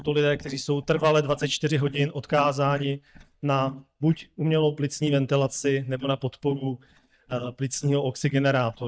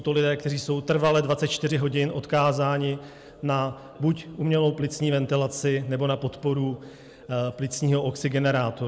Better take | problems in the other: second | noise reduction (neural mask model DeepFilterNet 3)

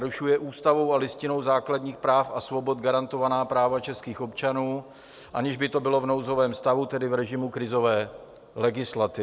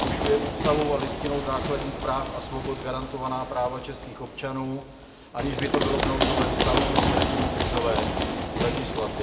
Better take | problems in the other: first | background sound (Run); 2 dB above the speech // room echo; dies away in 1.3 s

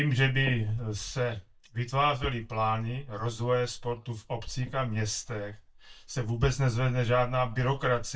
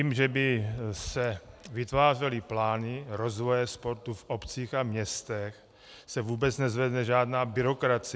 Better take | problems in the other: second | noise reduction (neural mask model DeepFilterNet 3)

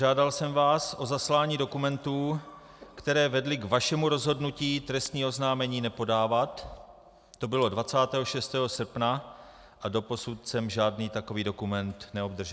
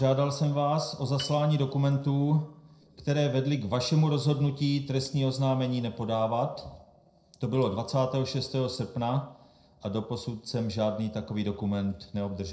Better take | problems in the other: first | noise reduction (neural separator model SepFormer DNS4)

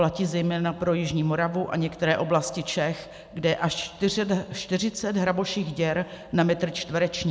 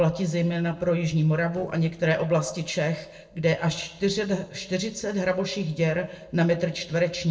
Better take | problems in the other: first | noise reduction (neural separator model SepFormer DNS4)

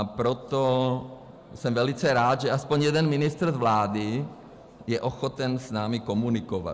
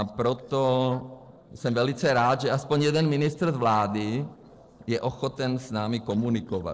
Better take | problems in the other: first | noise reduction (neural separator model SepFormer DNS4)

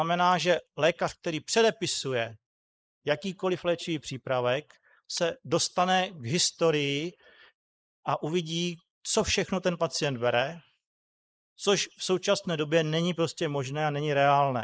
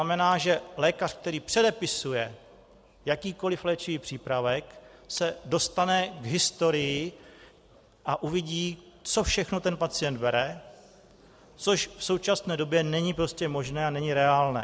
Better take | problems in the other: second | noise reduction (neural mask model Resemble Enhance denoiser)

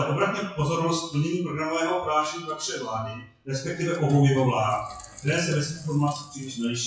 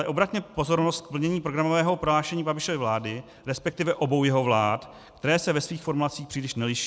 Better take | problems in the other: second | noise reduction (classical method WPE with log-MMSE)

